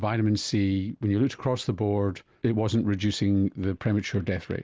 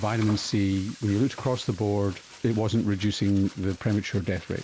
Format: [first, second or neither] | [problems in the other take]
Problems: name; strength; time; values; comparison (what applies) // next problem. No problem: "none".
first | background sound (Frying (food)); 20 dB below the speech